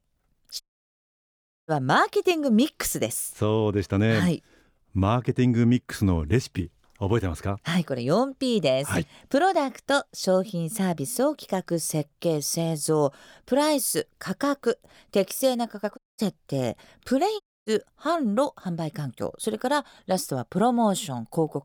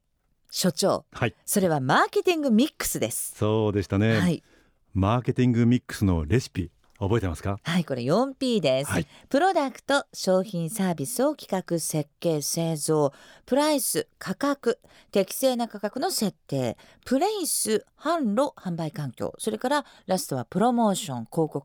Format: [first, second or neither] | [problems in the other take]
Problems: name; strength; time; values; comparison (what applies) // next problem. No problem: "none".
second | audio cutting out; at 0.5 s for 1 s, at 16 s and at 17 s